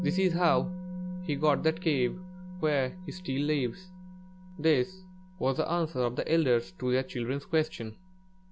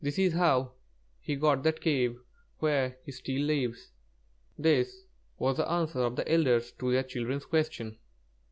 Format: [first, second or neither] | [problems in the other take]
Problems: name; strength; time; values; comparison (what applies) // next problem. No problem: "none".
second | background sound (Musical instrument); 11 dB below the speech